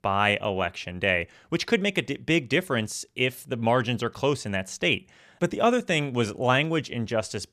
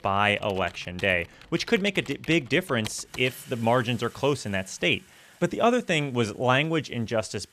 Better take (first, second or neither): first